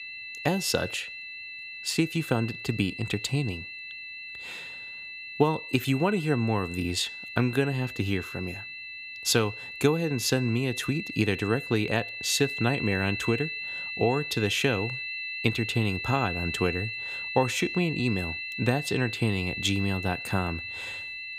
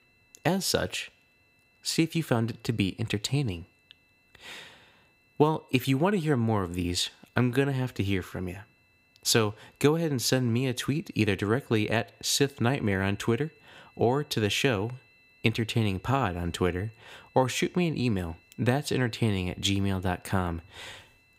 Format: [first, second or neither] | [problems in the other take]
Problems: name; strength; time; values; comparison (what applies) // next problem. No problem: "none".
second | high-pitched whine; loud; throughout; 2.5 kHz, 7 dB below the speech; faint in the second